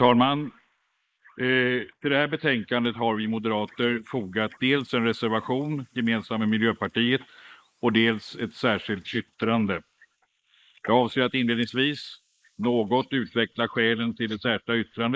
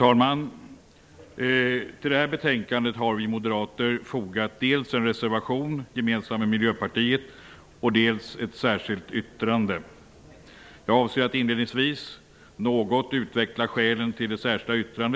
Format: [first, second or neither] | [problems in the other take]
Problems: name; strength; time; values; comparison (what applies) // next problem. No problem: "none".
second | noise reduction (neural mask model Resemble Enhance denoiser)